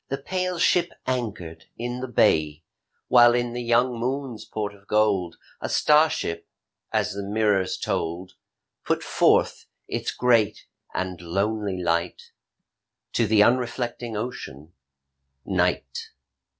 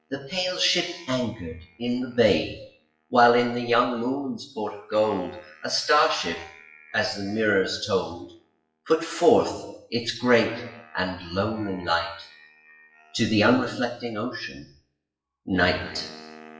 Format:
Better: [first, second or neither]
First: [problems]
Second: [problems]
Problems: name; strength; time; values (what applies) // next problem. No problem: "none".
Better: first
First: none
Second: noise reduction (classical method WPE with log-MMSE)